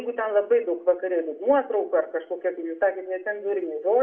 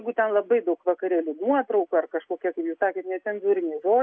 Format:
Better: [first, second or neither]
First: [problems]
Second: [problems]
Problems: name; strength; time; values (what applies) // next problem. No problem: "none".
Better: second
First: room echo; dies away in 0.4 s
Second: none